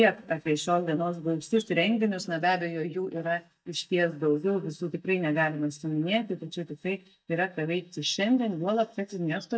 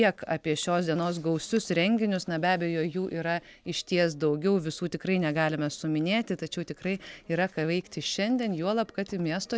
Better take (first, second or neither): second